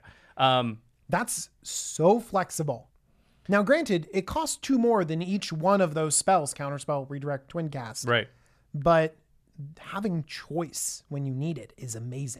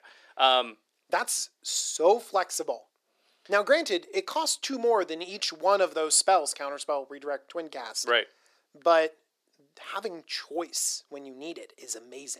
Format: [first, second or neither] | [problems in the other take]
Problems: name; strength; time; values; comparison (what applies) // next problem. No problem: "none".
first | thin; very; fading below 350 Hz